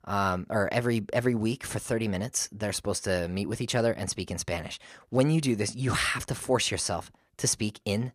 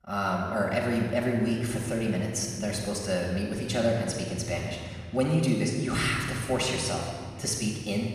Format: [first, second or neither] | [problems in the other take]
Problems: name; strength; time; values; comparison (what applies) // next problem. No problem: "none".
first | off-mic speech; far // room echo; noticeable; dies away in 2 s